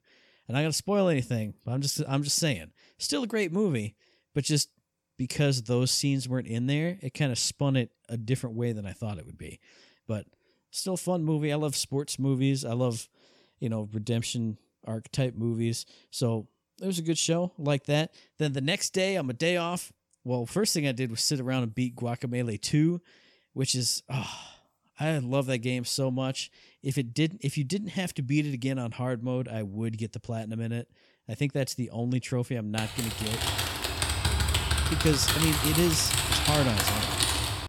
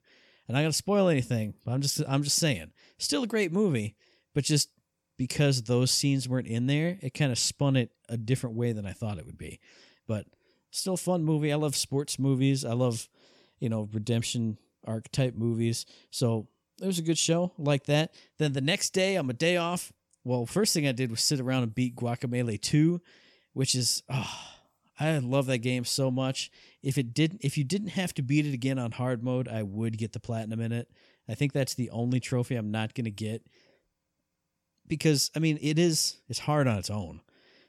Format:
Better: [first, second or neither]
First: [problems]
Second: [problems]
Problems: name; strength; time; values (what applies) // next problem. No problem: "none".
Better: second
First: keyboard typing; loud; from 33 s on; peak 5 dB above the speech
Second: none